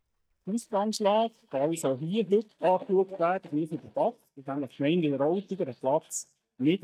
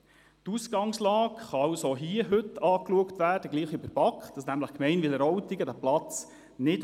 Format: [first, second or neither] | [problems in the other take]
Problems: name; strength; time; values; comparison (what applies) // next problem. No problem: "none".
second | noise reduction (neural mask model DeepFilterNet 3)